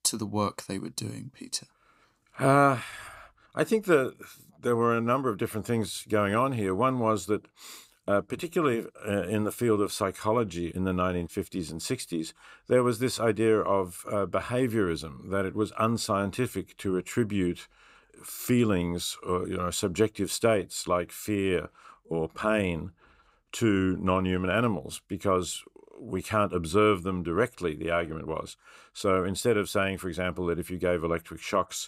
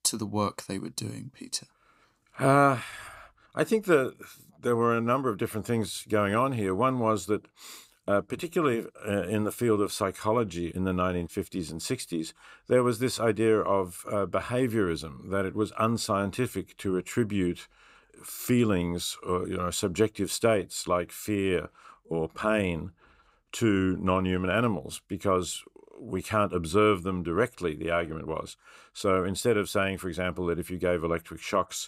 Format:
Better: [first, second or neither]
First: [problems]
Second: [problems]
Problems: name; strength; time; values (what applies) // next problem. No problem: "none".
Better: neither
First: none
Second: none